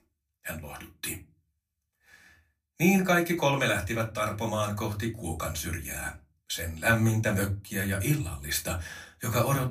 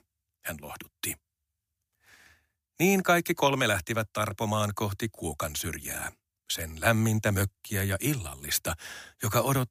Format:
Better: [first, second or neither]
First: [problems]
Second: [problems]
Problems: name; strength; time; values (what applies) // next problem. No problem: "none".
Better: second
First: off-mic speech; somewhat distant // room echo; very slight; dies away in 0.2 s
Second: none